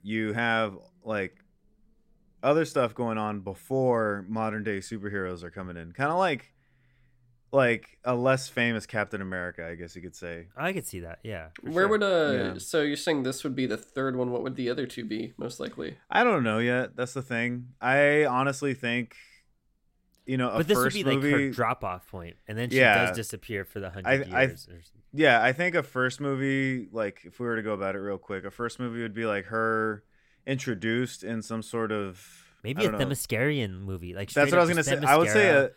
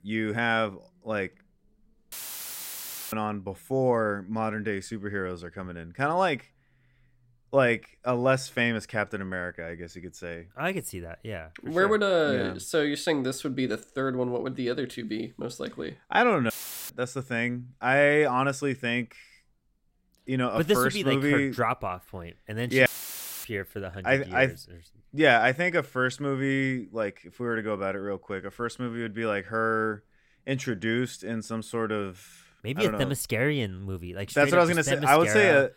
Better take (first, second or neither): first